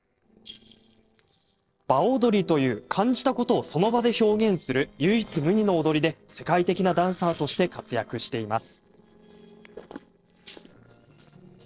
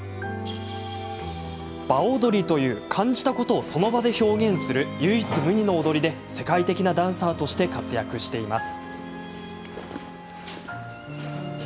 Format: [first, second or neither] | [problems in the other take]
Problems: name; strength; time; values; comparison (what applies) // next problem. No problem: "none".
second | noise reduction (neural separator model SepFormer DNS4)